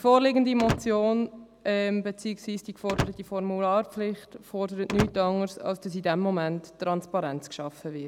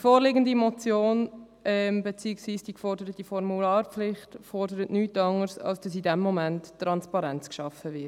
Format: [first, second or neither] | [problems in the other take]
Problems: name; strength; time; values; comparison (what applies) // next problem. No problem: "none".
second | background sound (Slam / Wood); 9 dB below the speech